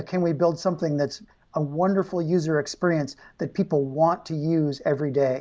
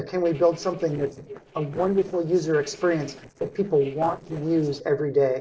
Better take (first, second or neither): first